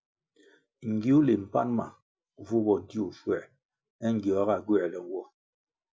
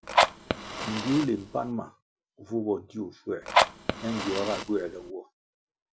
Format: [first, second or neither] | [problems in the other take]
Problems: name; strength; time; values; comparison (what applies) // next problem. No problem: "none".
first | background sound (Fire); 4 dB above the speech